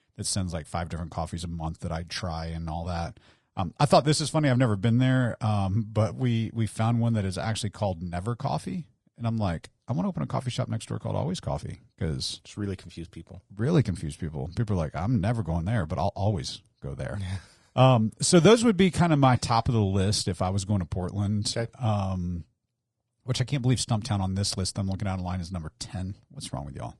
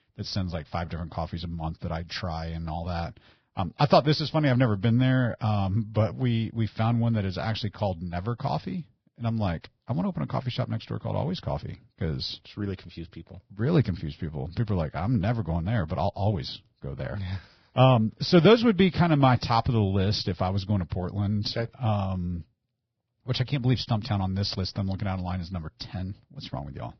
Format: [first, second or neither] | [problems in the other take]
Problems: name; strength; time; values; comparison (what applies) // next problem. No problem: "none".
first | garbled, watery; badly; nothing above 5.5 kHz; slightly in the first